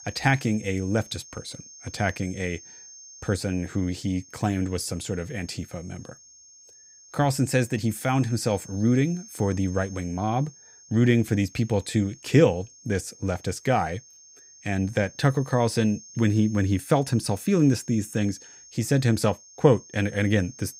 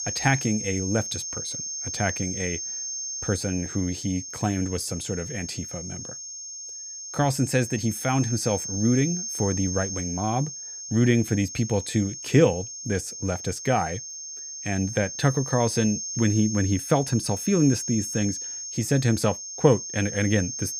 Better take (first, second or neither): first